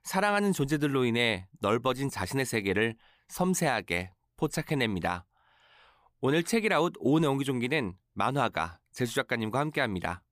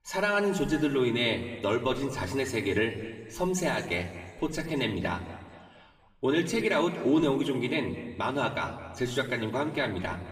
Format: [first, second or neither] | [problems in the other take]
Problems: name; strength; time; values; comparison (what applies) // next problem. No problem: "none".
first | room echo; slight; dies away in 1.7 s // off-mic speech; far